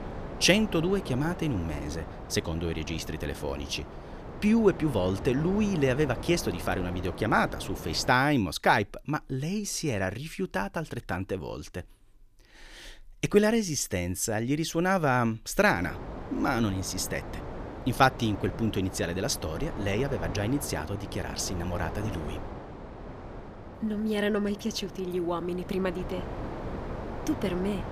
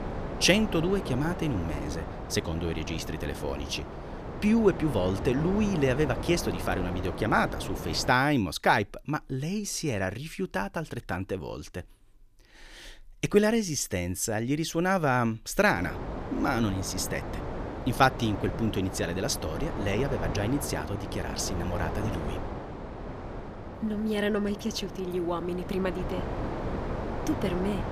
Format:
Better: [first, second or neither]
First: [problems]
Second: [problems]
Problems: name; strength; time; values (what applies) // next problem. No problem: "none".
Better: first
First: wind noise on the microphone; occasional gusts; until 8 s and from 16 s on; 10 dB below the speech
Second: wind noise on the microphone; heavy; until 8 s and from 16 s on; 9 dB below the speech